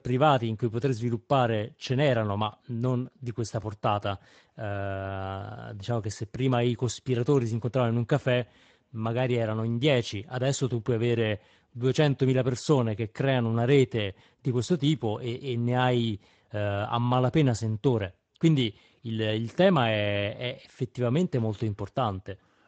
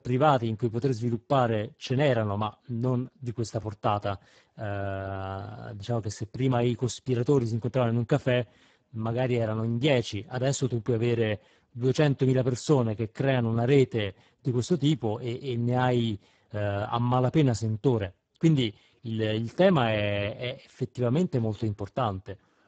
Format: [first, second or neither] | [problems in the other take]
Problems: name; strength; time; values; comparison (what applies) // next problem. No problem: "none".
first | garbled, watery; badly; nothing above 7.5 kHz; slightly in the first